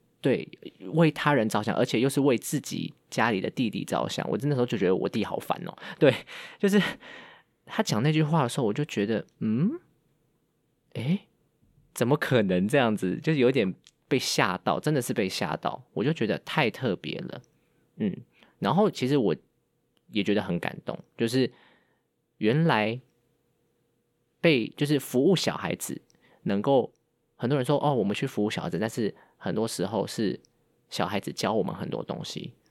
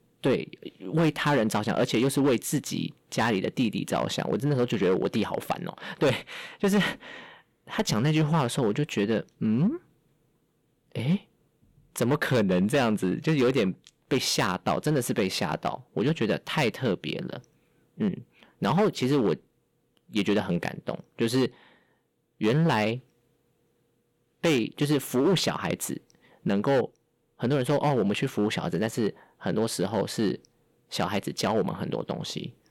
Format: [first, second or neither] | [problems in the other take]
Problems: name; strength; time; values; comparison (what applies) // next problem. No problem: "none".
first | distortion; slight; 5% of the sound clipped